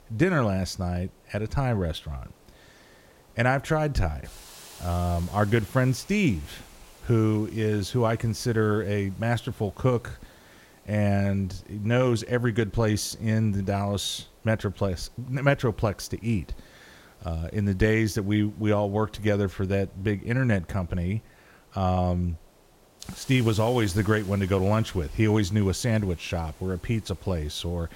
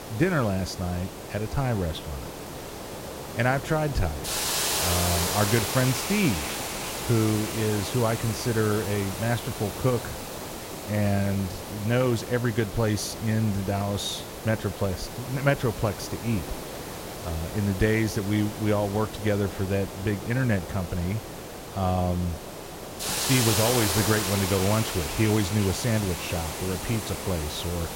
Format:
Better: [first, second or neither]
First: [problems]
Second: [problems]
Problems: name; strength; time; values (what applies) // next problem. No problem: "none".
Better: first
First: hiss; faint; throughout; 25 dB below the speech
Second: hiss; loud; throughout; 5 dB below the speech